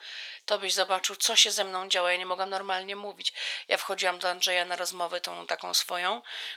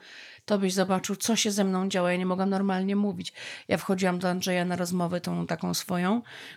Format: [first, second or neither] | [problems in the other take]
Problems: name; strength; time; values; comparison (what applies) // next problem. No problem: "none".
second | thin; very; fading below 550 Hz